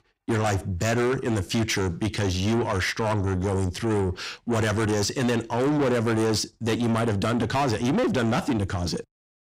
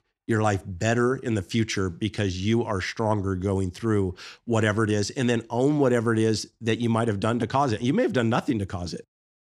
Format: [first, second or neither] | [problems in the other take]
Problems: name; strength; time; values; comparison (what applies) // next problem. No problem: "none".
second | distortion; heavy; 6 dB below the speech